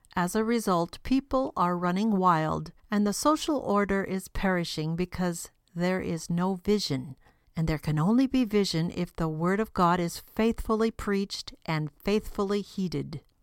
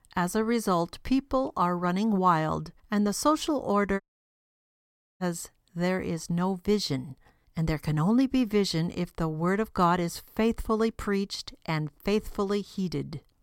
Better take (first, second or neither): first